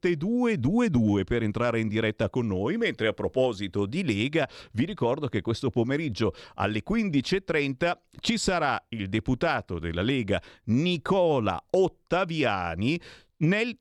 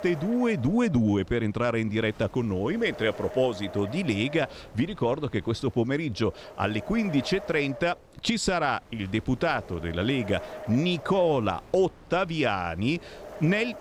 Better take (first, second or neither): first